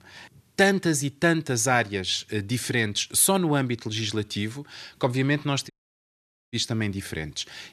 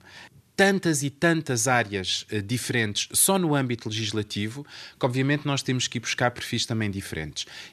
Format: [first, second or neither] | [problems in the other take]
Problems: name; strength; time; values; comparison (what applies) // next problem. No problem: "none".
second | audio cutting out; at 5.5 s for 1 s